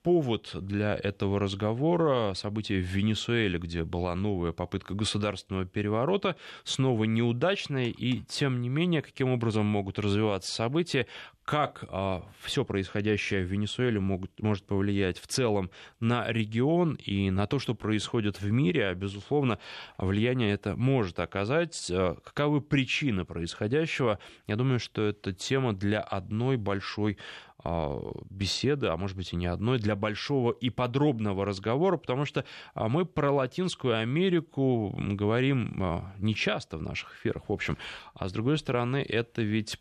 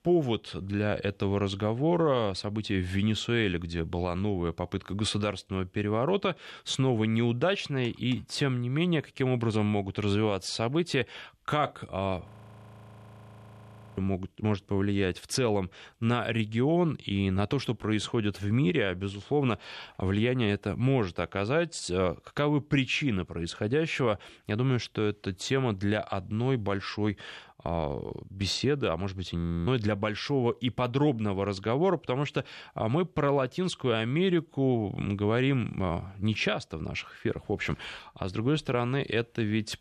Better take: first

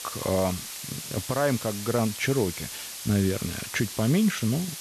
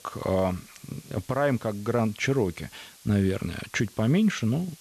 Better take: second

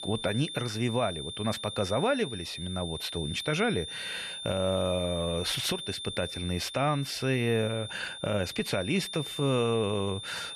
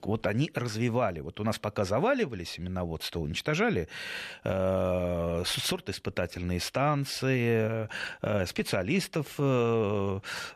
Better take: second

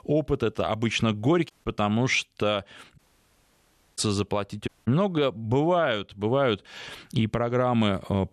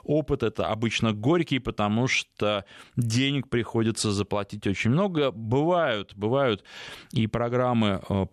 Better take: second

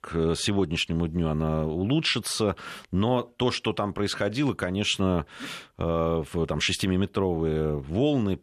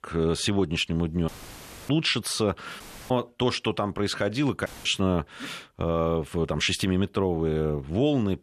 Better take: first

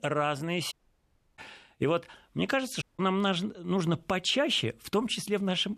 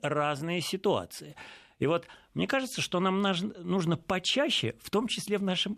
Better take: second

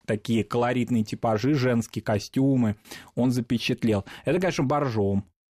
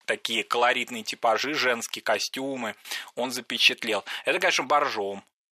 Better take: first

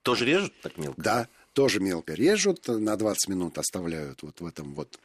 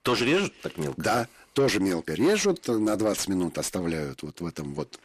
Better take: first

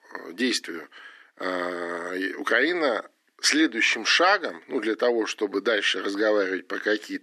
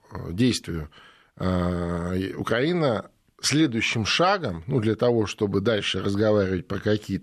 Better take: second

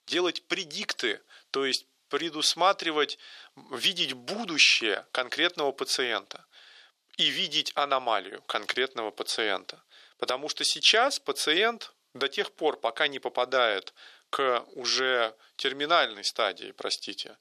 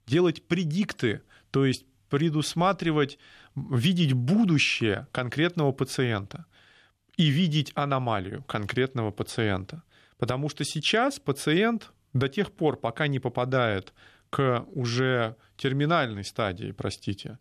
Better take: second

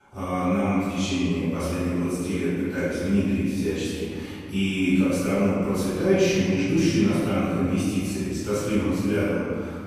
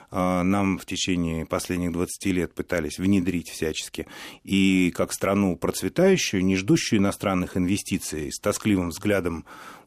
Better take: second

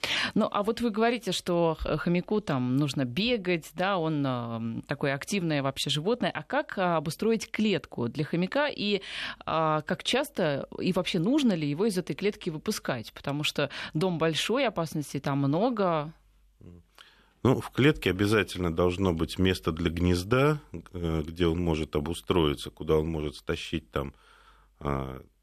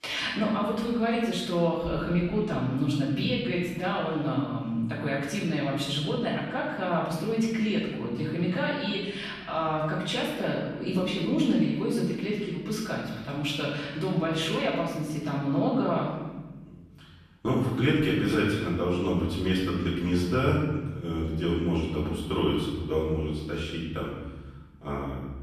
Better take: first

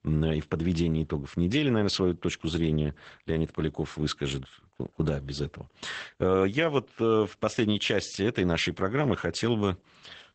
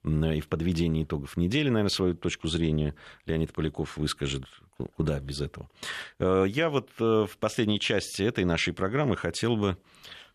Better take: second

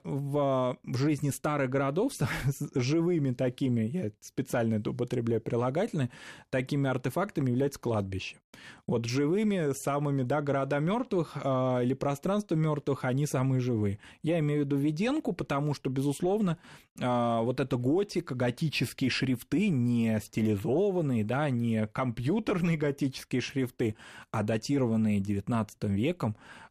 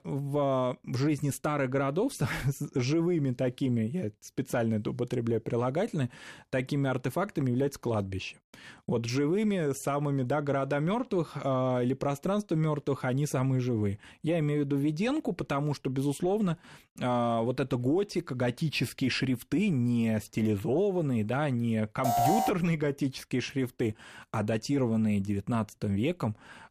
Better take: first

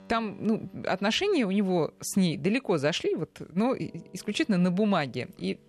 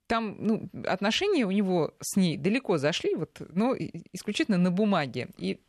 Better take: second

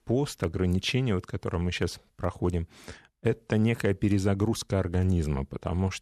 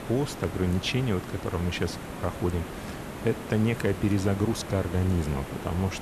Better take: first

